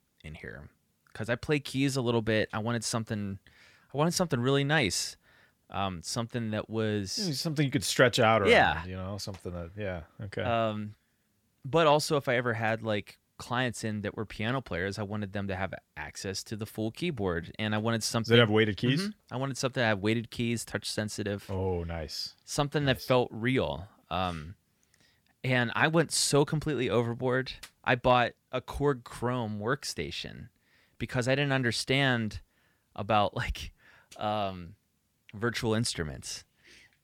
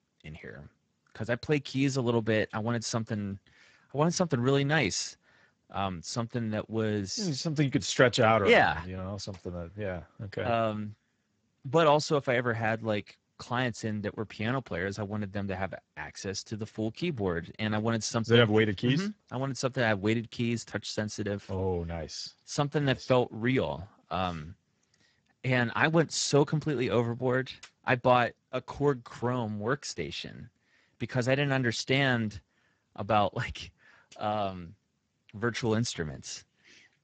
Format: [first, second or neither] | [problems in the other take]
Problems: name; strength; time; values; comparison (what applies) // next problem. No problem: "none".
first | garbled, watery; badly; nothing above 7.5 kHz